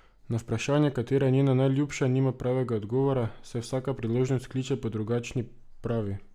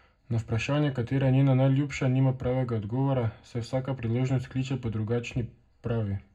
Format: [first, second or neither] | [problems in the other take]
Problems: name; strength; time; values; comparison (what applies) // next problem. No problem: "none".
first | room echo; dies away in 0.3 s